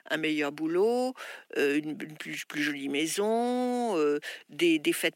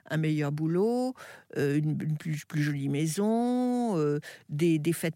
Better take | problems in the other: second | thin; somewhat; fading below 300 Hz

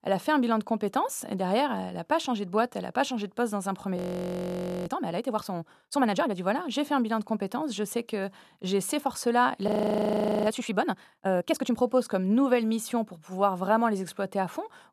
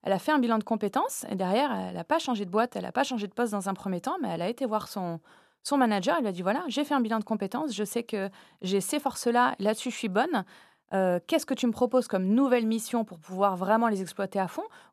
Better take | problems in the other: second | audio freezing; at 4 s for 1 s and at 9.5 s for 1 s

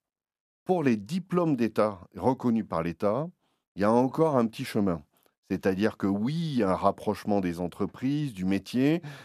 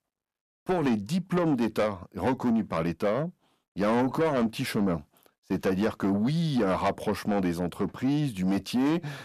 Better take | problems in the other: first | distortion; heavy; 8 dB below the speech

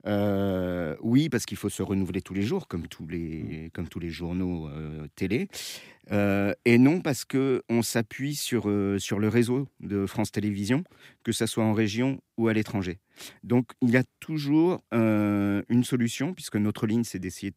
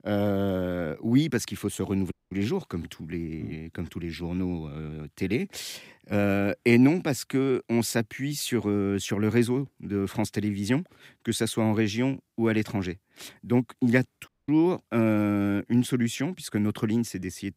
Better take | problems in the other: first | audio cutting out; at 2 s and at 14 s

